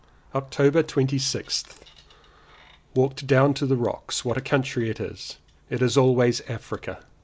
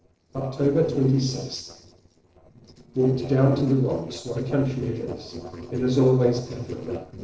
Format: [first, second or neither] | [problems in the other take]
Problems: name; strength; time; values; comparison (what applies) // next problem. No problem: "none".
first | noise reduction (neural separator model SepFormer DNS4)